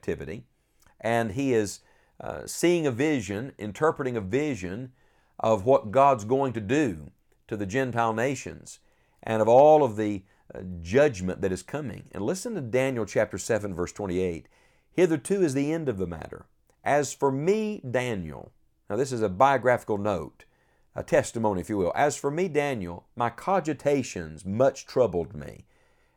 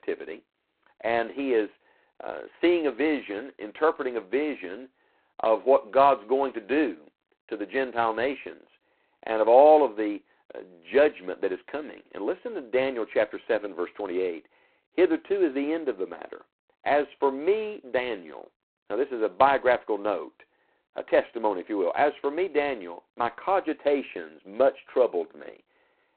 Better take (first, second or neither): first